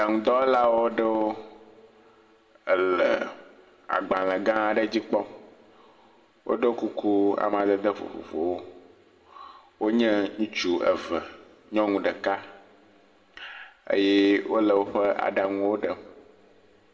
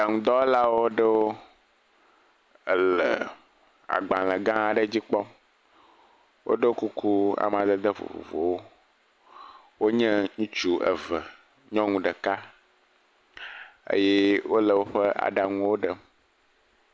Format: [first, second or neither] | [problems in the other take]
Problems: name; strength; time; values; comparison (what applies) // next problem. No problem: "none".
second | room echo; dies away in 1 s